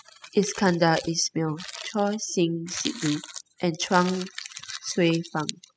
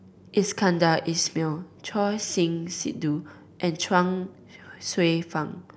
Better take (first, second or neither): second